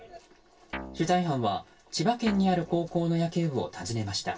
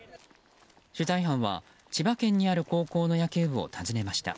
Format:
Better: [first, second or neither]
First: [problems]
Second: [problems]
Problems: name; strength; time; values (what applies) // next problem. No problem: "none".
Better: second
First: background sound (Guitar); 14 dB below the speech // room echo; dies away in 0.1 s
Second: none